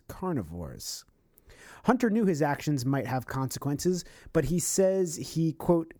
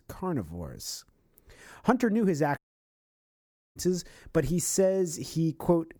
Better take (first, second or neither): first